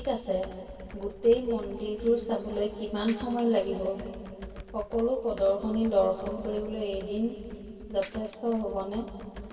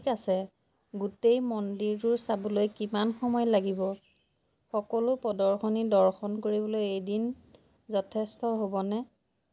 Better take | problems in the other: second | background sound (Computer keyboard); 16 dB below the speech // room echo; dies away in 2.6 s

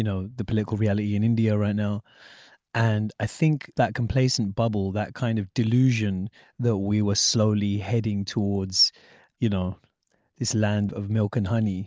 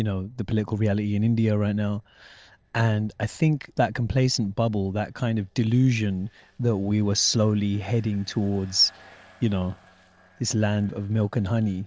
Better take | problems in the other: first | noise reduction (neural separator model SepFormer DNS4)

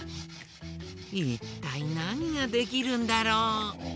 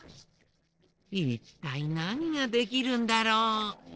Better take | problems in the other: first | noise reduction (neural separator model SepFormer DNS4)

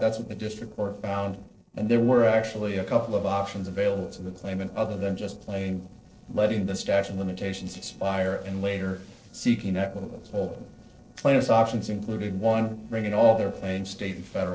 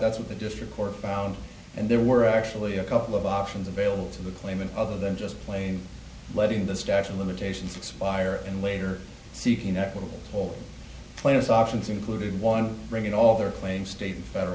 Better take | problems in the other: second | noise reduction (neural separator model SepFormer DNS4)

